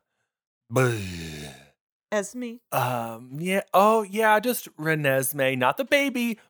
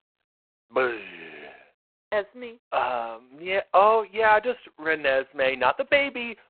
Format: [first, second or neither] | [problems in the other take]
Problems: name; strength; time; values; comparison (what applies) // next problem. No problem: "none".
first | phone-call audio; poor line; nothing above 4 kHz